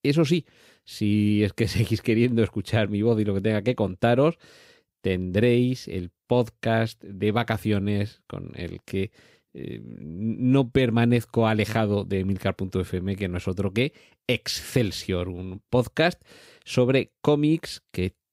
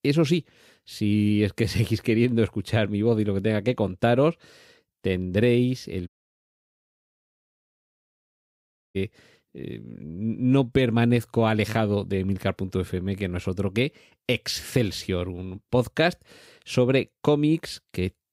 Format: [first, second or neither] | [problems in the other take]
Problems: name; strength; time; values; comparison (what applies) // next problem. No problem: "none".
first | audio cutting out; at 6 s for 3 s